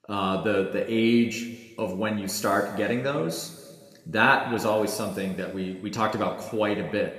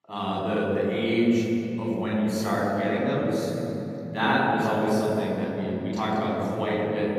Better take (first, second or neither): first